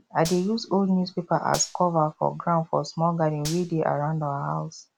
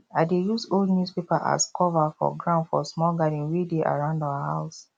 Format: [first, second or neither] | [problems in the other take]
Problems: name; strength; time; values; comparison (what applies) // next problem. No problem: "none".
second | background sound (Gunshot, gunfire); 17 dB below the speech